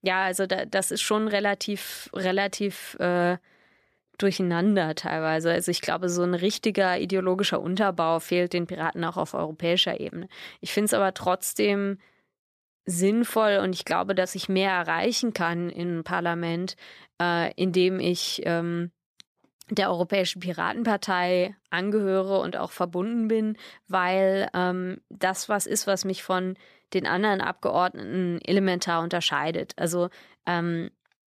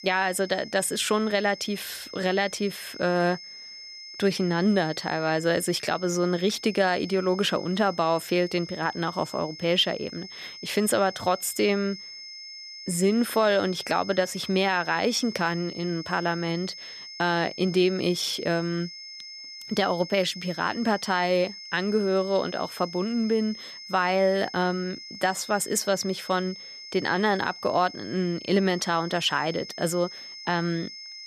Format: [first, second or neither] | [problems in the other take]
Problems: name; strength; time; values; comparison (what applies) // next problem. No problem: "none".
first | high-pitched whine; noticeable; throughout; 5 kHz, 15 dB below the speech